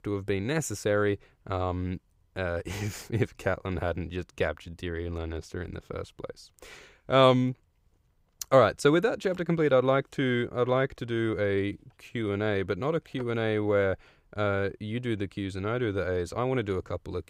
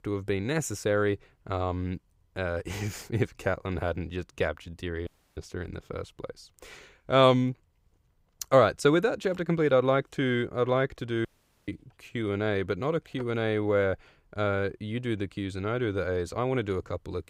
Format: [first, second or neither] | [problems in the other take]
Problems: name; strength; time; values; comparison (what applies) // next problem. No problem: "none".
first | audio cutting out; at 5 s and at 11 s